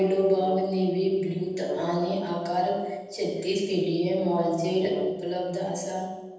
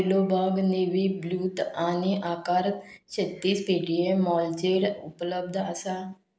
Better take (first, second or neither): second